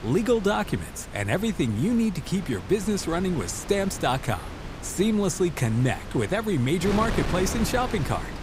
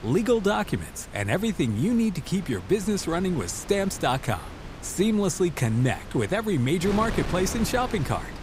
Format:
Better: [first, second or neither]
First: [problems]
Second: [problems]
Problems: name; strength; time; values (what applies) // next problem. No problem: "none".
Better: second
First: wind noise on the microphone; heavy; 10 dB below the speech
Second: wind noise on the microphone; occasional gusts; 15 dB below the speech